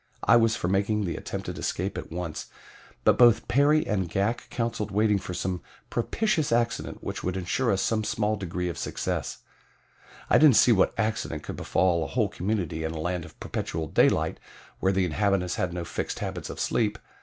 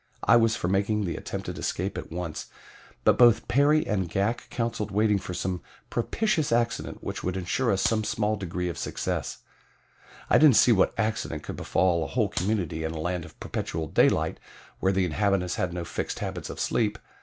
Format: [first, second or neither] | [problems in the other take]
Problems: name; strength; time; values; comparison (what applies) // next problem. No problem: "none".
first | background sound (Clapping); 12 dB below the speech